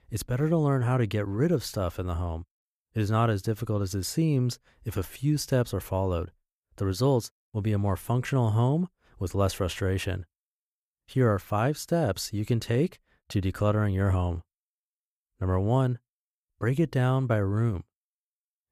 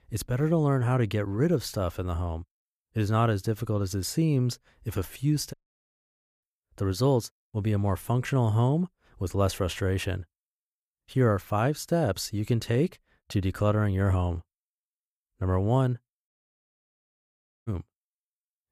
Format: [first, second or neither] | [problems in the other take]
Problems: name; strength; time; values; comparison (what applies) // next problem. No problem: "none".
first | audio cutting out; at 5.5 s for 1 s and at 16 s for 1.5 s